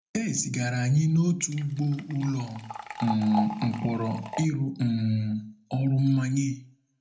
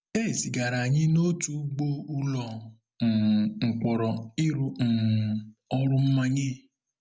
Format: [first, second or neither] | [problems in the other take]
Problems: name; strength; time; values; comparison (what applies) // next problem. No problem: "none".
second | background sound (Liquid); 11 dB below the speech // room echo; dies away in 0.2 s